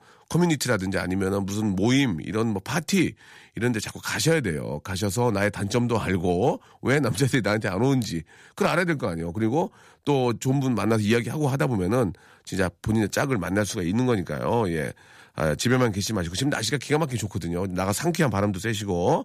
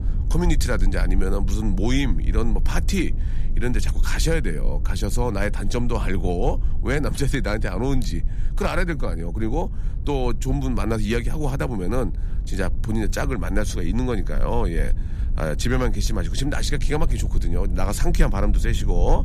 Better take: first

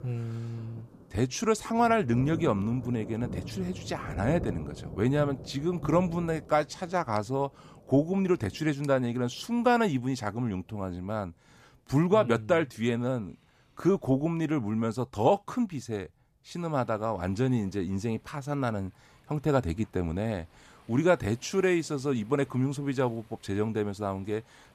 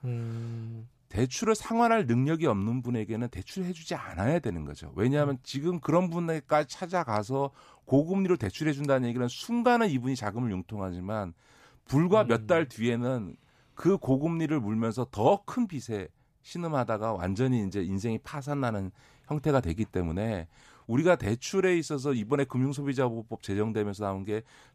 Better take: second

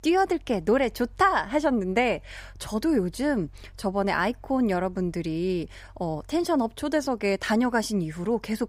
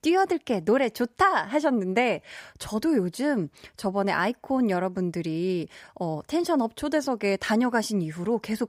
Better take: second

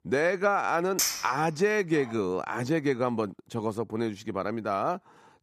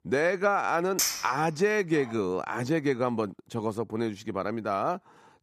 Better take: neither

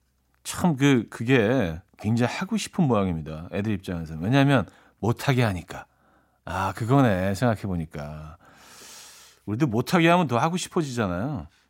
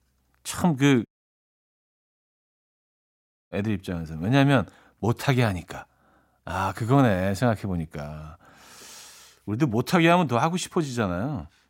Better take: first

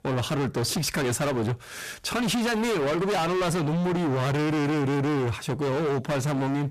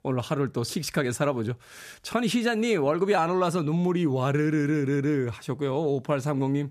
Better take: second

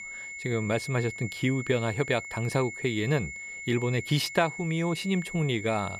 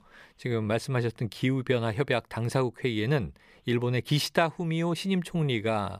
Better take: second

